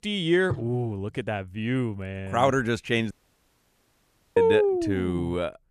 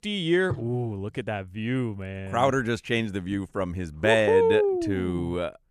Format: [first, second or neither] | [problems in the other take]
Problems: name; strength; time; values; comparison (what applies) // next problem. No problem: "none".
second | audio cutting out; at 3 s for 1.5 s